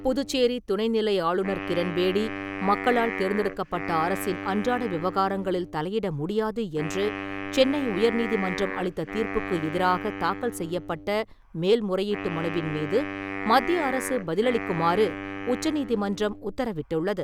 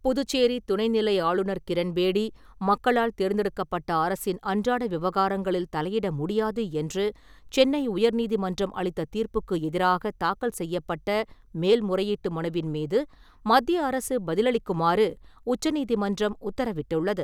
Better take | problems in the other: second | background sound (Wind instrument, woodwind instrument); 9 dB below the speech

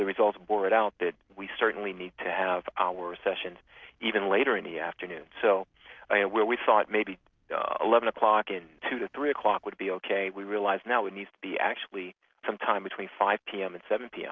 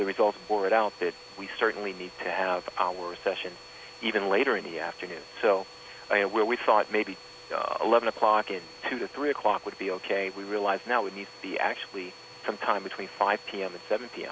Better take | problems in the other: first | background sound (Domestic sounds, home sounds); 19 dB below the speech

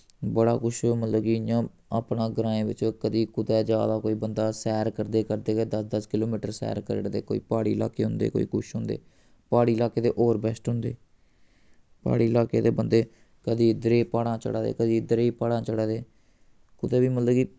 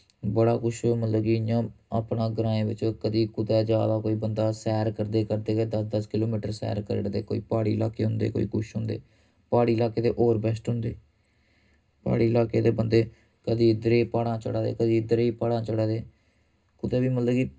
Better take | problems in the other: first | room echo; dies away in 0.2 s

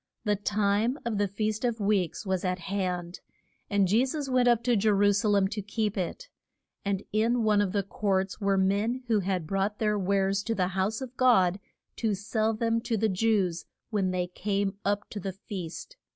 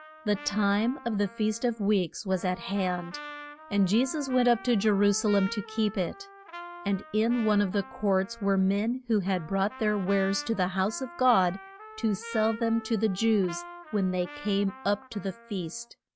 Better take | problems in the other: first | background sound (Trumpet); 17 dB below the speech

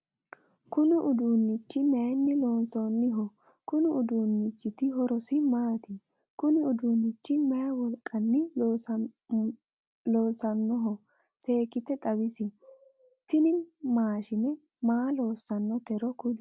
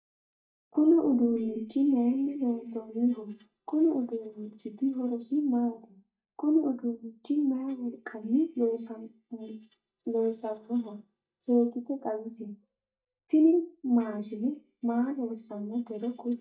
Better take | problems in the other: first | noise reduction (neural mask model DeepFilterNet 3)

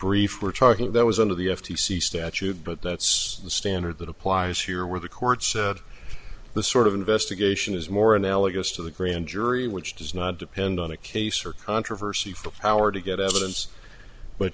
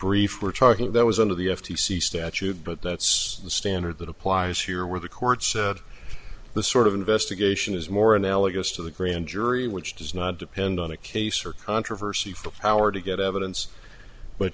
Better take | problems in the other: second | background sound (Rattle (instrument)); 4 dB below the speech

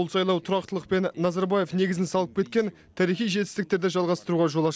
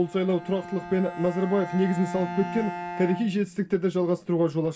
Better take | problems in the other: first | background sound (Bowed string instrument); 12 dB below the speech // room echo; dies away in 0.2 s

